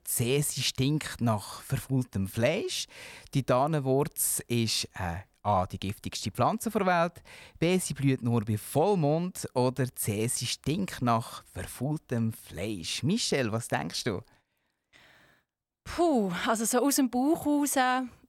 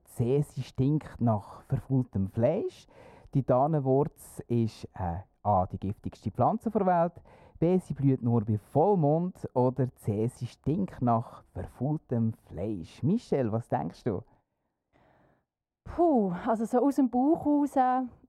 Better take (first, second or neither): first